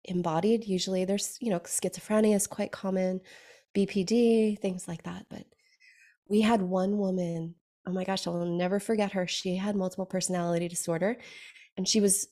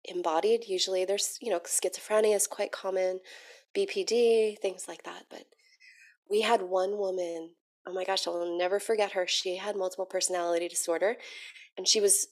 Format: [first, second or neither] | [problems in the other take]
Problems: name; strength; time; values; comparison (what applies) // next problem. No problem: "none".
first | thin; very; fading below 350 Hz